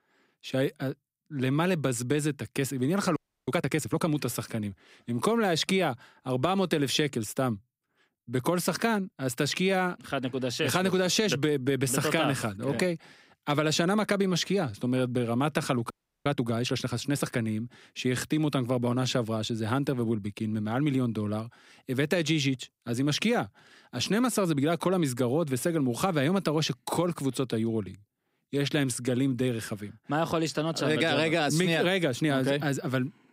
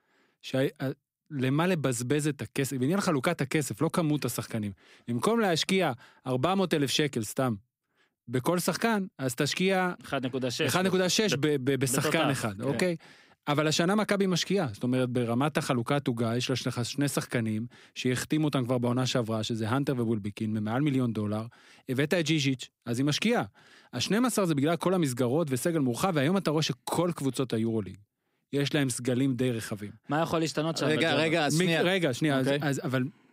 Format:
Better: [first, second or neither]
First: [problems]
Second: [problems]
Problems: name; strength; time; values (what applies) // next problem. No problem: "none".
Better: second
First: audio freezing; at 3 s and at 16 s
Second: none